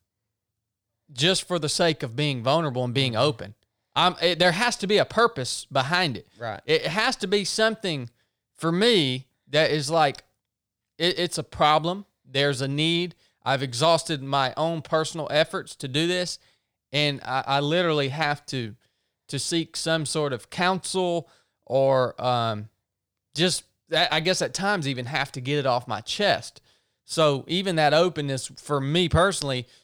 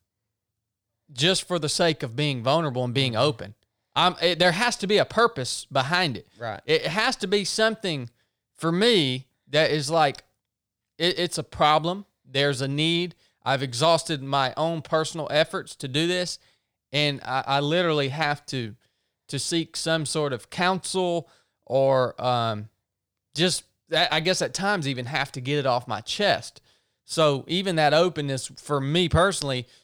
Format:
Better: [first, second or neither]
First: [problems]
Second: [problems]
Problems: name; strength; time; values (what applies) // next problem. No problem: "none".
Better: neither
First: none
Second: none